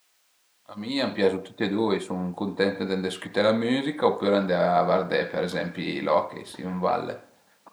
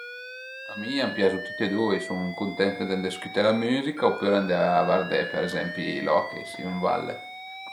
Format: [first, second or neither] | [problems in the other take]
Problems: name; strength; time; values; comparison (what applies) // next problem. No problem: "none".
first | background sound (Alarm); 12 dB below the speech